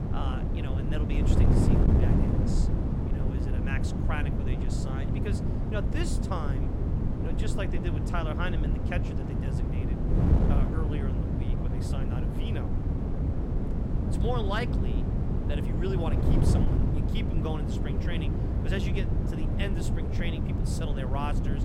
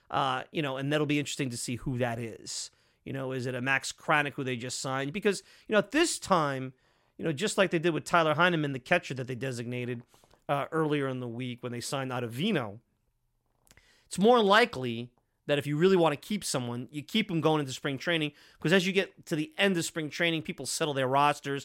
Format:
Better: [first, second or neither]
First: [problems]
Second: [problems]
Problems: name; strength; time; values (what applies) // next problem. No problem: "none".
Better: second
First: wind noise on the microphone; heavy; 1 dB above the speech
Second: none